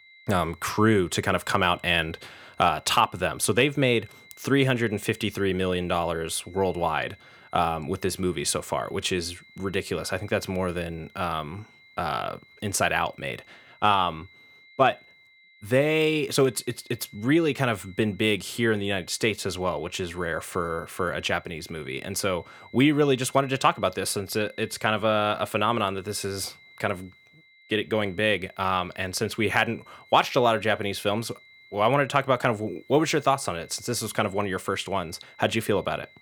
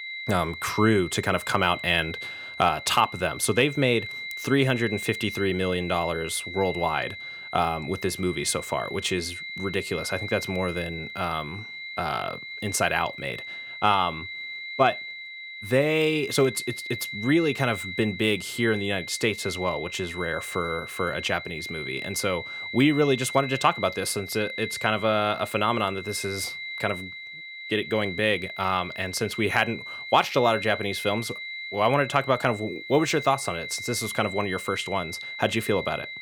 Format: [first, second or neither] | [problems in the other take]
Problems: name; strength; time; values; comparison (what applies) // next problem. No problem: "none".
first | high-pitched whine; loud; throughout; 2 kHz, 9 dB below the speech; faint in the first